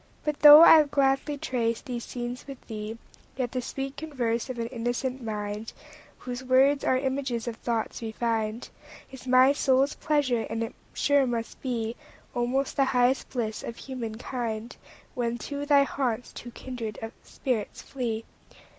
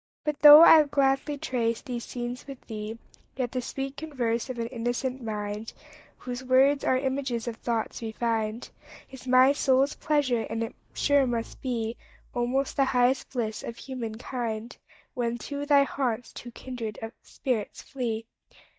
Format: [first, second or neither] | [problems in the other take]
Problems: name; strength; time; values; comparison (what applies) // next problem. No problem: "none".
first | noise reduction (neural mask model DeepFilterNet 3)